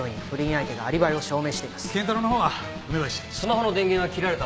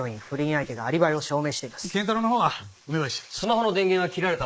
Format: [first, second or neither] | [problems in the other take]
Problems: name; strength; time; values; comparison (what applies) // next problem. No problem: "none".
first | noise reduction (neural mask model Resemble Enhance denoiser)